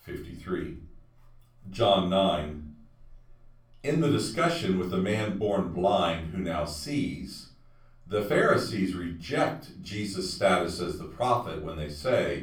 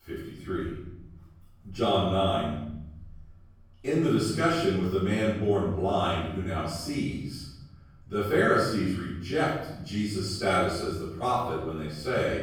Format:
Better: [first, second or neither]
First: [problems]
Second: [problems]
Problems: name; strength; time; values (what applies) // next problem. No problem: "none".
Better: first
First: room echo; slight; dies away in 0.4 s // off-mic speech; far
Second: room echo; strong; dies away in 1.1 s // off-mic speech; far